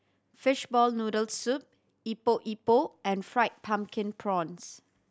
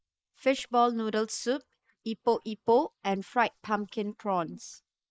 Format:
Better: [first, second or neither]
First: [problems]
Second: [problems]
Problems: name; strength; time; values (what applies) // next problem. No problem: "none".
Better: first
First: none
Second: noise reduction (neural mask model Resemble Enhance denoiser)